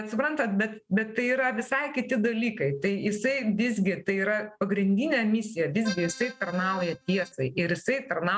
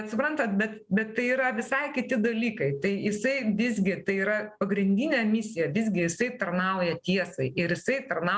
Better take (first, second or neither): second